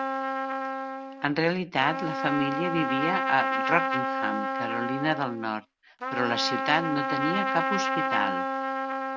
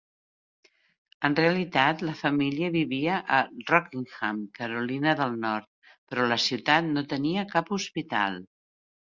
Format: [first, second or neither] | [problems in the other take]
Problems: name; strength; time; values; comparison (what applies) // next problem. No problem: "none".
second | background sound (Trumpet); as loud as the speech